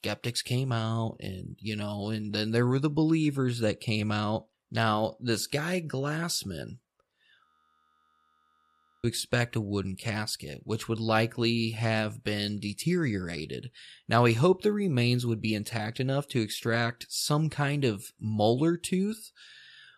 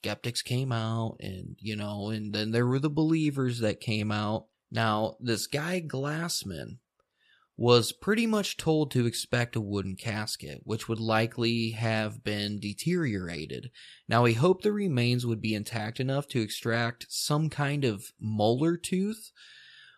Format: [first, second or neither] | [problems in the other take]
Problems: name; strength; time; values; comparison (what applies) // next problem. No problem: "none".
second | audio freezing; at 7.5 s for 1.5 s